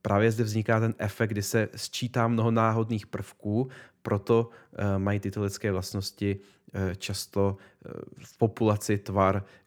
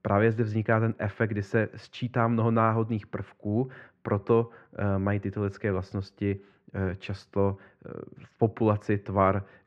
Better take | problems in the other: first | muffled; very; fading above 2 kHz

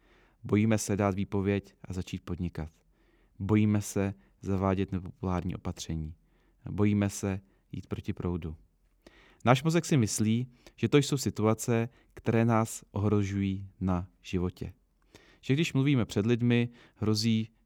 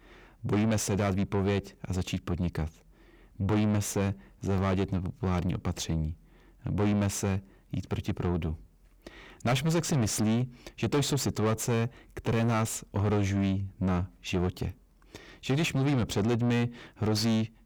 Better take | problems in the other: first | distortion; heavy; 6 dB below the speech

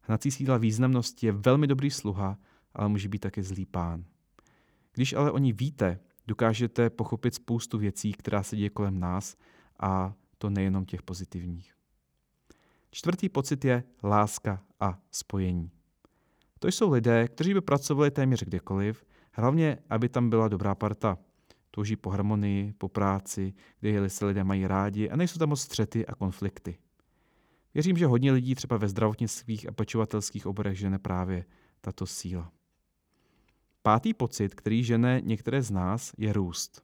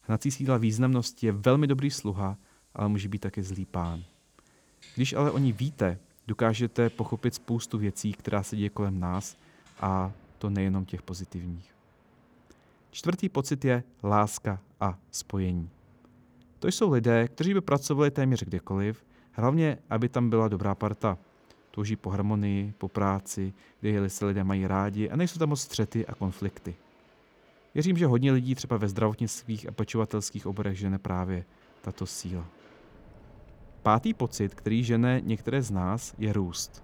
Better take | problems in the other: first | train or aircraft noise; faint; throughout; 30 dB below the speech

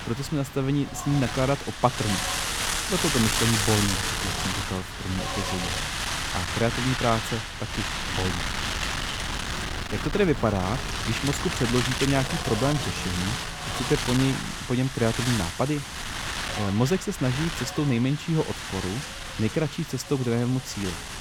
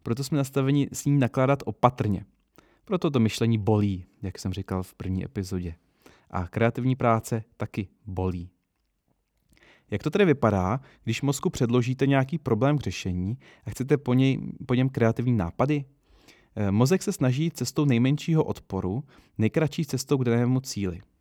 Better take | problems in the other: second | wind noise on the microphone; heavy; 1 dB above the speech

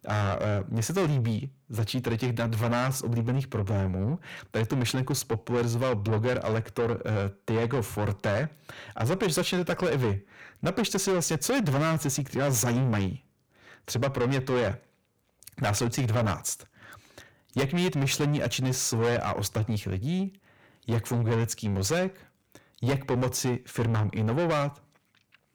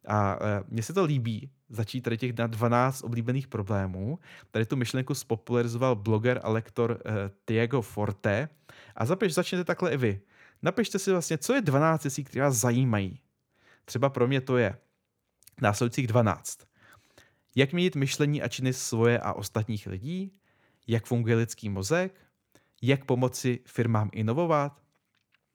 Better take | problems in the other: second | distortion; heavy; 5 dB below the speech

